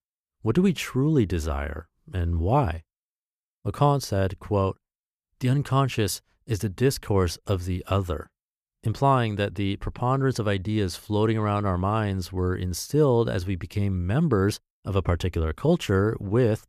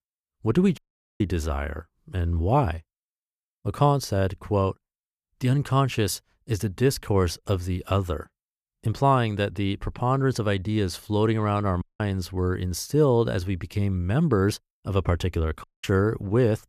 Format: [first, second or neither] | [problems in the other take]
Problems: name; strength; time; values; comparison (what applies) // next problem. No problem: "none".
first | audio cutting out; at 1 s, at 12 s and at 16 s